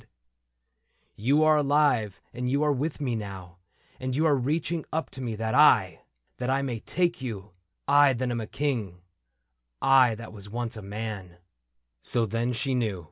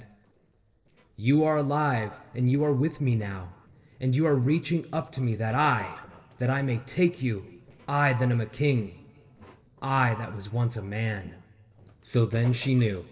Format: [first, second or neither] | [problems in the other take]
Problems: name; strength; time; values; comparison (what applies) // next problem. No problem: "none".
first | noise reduction (neural separator model SepFormer DNS4)